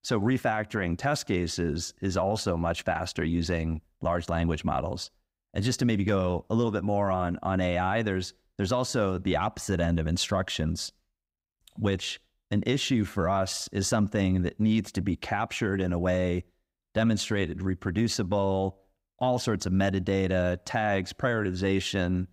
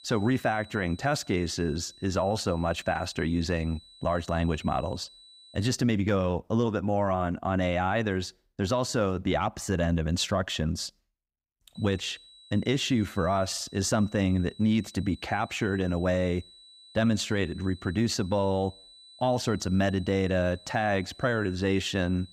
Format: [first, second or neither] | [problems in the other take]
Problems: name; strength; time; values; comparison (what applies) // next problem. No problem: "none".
first | high-pitched whine; faint; until 5.5 s and from 12 s on; 4 kHz, 25 dB below the speech